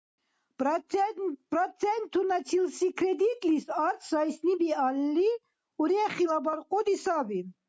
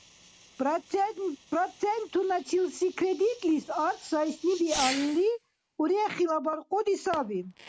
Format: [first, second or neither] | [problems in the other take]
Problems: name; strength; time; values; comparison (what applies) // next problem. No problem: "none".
first | background sound (Fireworks); 15 dB below the speech